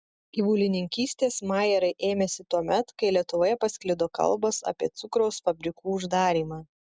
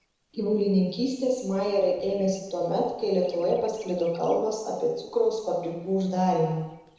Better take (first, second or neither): first